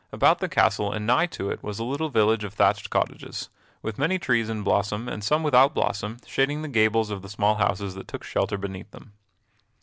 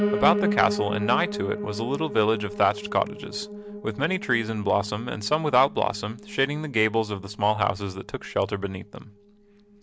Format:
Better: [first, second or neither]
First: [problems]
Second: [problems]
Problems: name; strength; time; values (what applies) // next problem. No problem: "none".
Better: first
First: none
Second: background sound (Piano); 7 dB below the speech